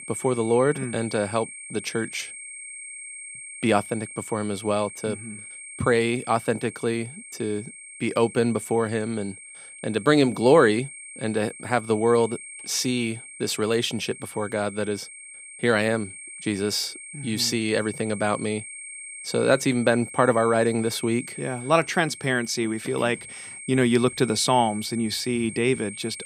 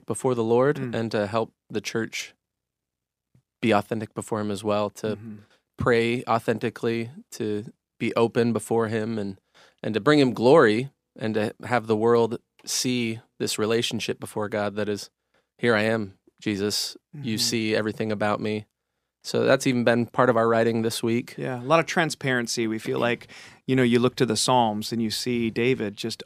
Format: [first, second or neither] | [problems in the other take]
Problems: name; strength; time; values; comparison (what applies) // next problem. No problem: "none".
second | high-pitched whine; noticeable; throughout; 8.5 kHz, 15 dB below the speech